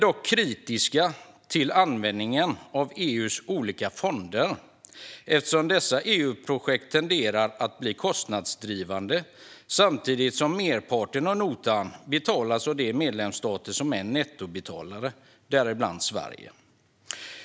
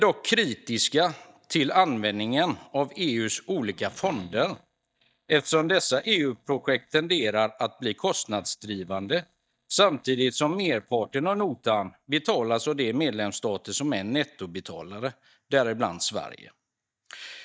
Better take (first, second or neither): first